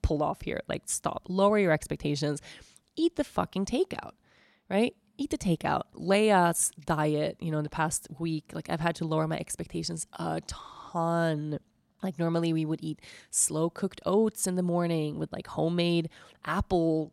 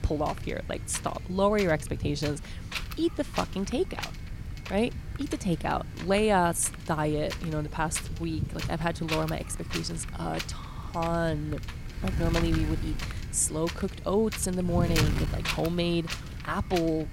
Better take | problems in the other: first | wind noise on the microphone; heavy; 8 dB below the speech

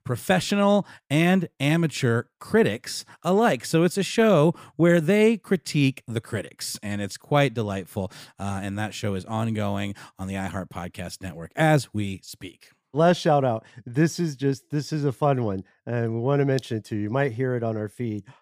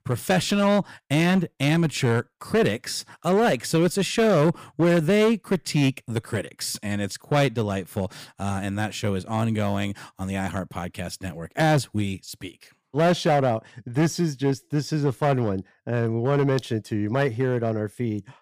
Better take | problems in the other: first | distortion; slight; 7% of the sound clipped

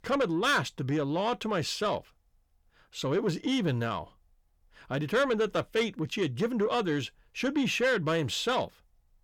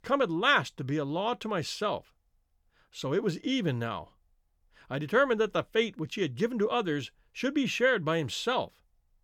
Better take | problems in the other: second | distortion; slight; 10 dB below the speech

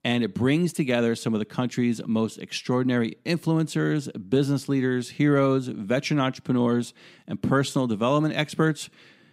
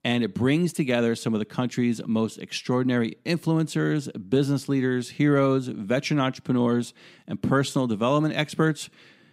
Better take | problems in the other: neither | none

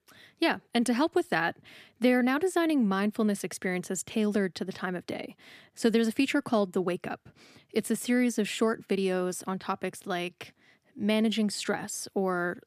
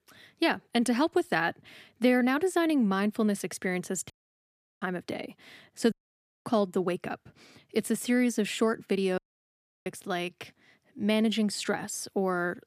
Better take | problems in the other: first | audio cutting out; at 4 s for 0.5 s, at 6 s for 0.5 s and at 9 s for 0.5 s

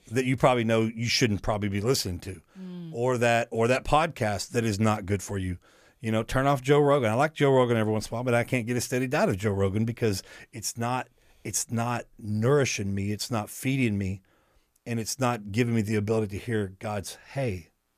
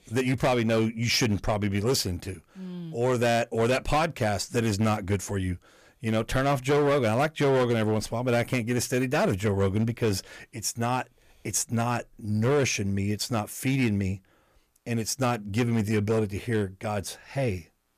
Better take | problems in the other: first | distortion; slight; 7% of the sound clipped

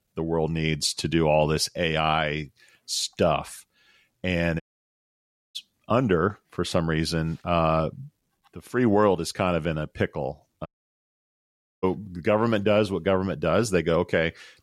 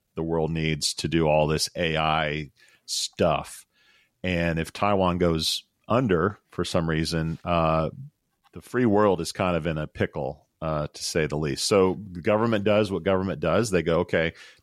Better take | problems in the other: second | audio cutting out; at 4.5 s for 1 s and at 11 s for 1 s

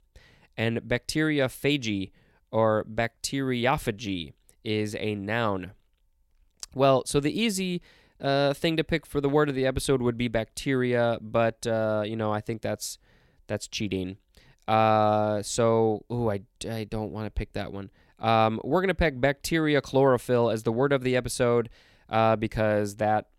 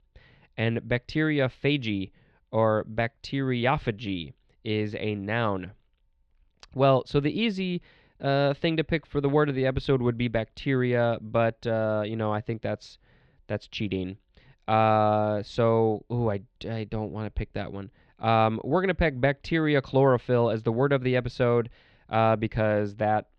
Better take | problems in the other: first | muffled; slightly; fading above 4 kHz

